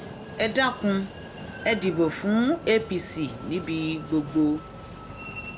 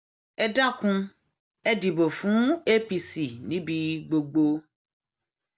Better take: second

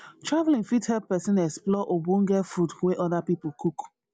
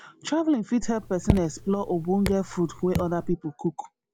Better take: first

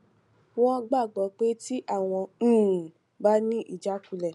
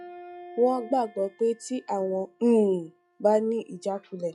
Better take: first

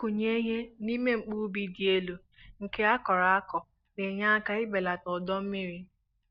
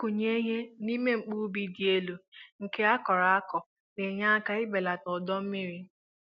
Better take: second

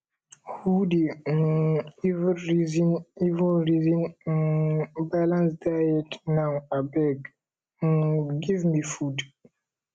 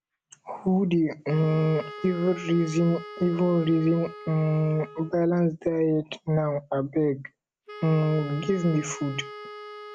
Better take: first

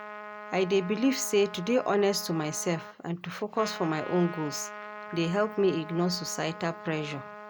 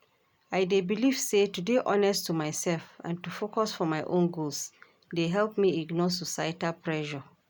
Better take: second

